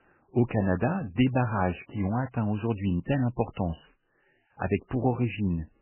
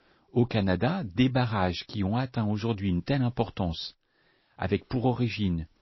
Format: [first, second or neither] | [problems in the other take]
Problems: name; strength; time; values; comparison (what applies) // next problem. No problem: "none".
second | garbled, watery; badly; nothing above 3 kHz; slightly in the second